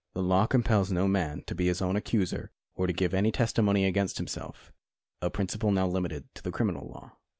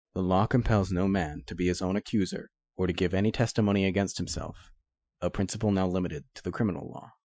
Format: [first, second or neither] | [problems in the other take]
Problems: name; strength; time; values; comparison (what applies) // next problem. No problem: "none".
first | noise reduction (classical method Wiener filter)